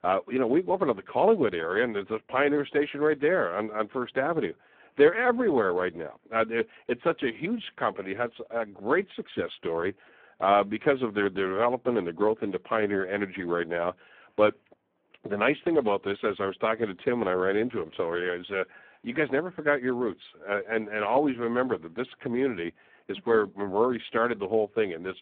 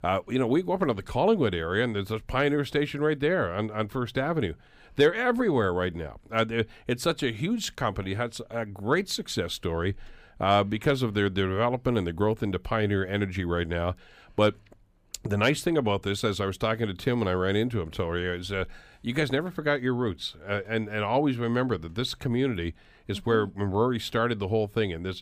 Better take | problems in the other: second | phone-call audio; poor line

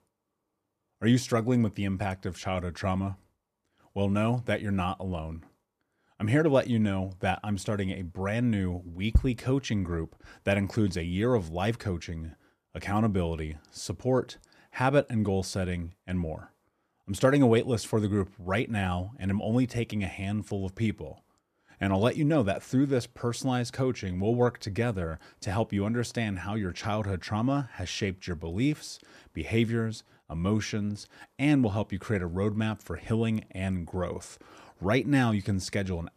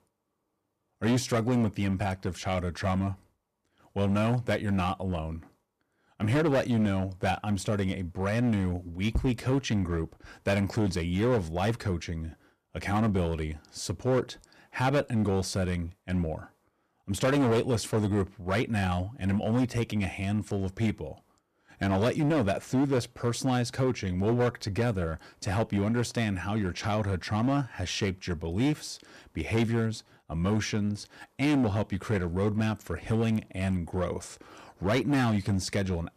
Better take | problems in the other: first | distortion; slight; 8% of the sound clipped

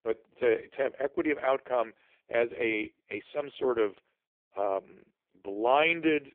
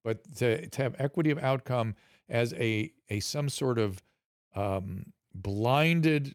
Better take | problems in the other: second | phone-call audio; poor line; nothing above 3.5 kHz

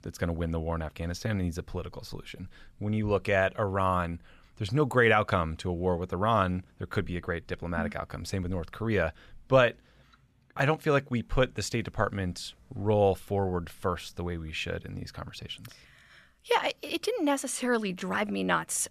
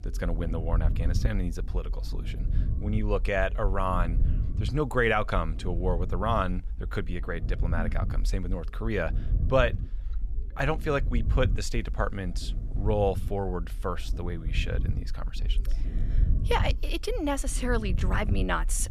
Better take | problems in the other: first | low rumble; noticeable; throughout; 20 dB below the speech

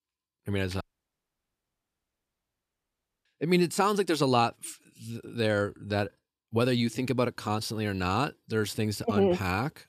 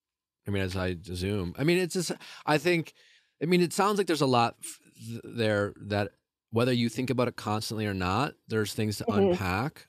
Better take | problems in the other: second | audio cutting out; at 1 s for 2.5 s

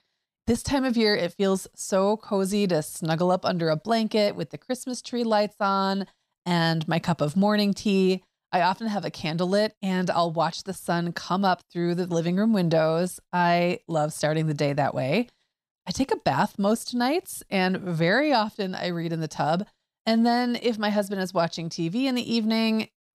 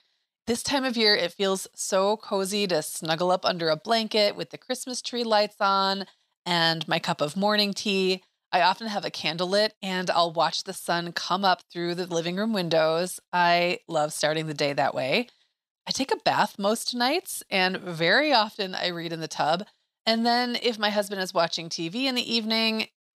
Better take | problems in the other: first | thin; very slightly; fading below 500 Hz

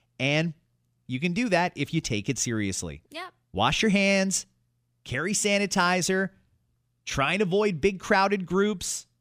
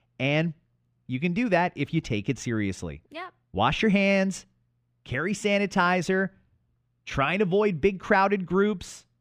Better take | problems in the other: first | muffled; slightly; fading above 4 kHz

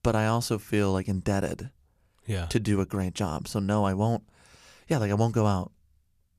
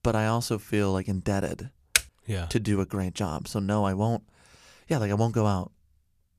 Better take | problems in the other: first | keyboard typing; very faint; at 2 s; peak 3 dB above the speech

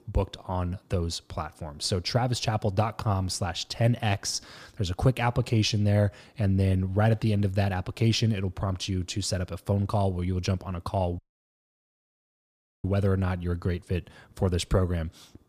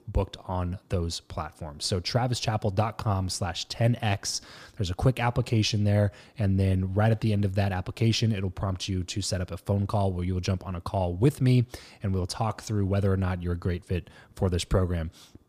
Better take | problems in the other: second | audio cutting out; at 11 s for 1.5 s

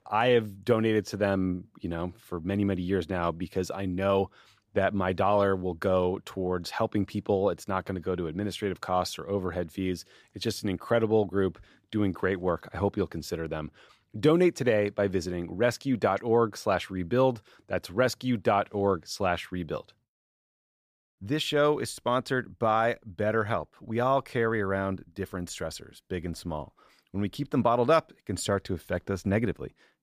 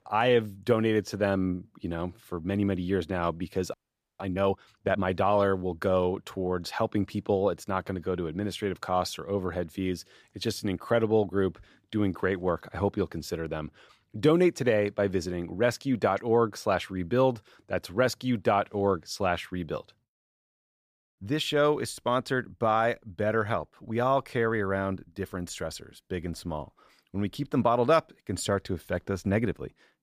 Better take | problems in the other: first | audio freezing; at 3.5 s

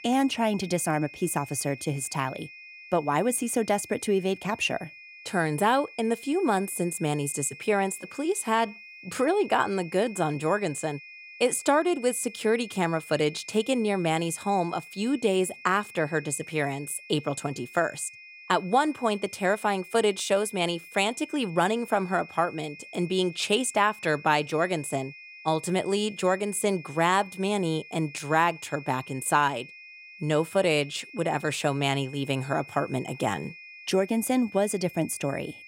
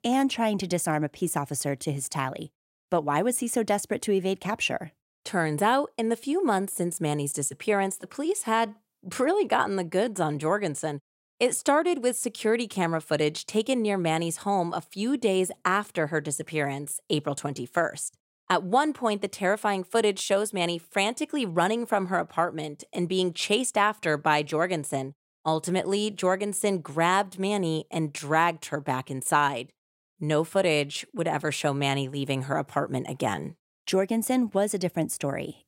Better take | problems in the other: second | high-pitched whine; noticeable; throughout; 2.5 kHz, 15 dB below the speech

